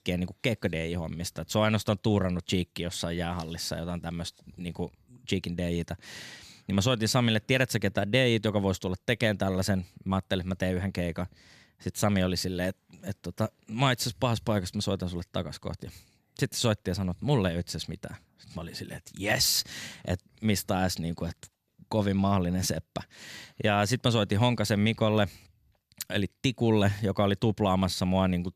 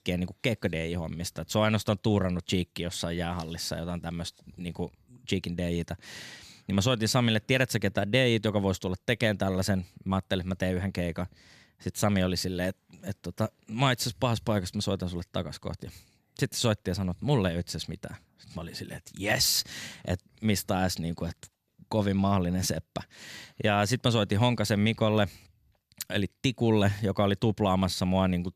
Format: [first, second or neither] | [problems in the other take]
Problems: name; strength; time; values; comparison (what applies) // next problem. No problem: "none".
neither | none